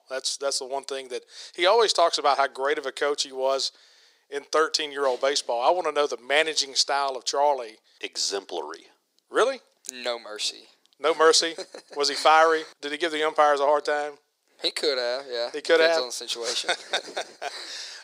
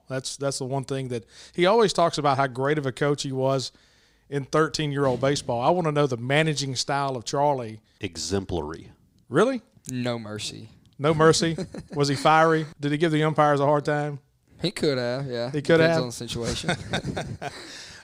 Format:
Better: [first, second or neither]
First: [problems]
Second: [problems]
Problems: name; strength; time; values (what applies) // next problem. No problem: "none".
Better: second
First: thin; very; fading below 400 Hz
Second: none